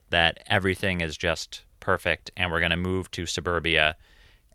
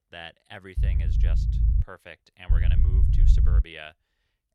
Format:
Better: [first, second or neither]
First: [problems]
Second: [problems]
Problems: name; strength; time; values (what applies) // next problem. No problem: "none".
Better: first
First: none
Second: low rumble; loud; from 1 to 2 s and from 2.5 to 3.5 s; 1 dB below the speech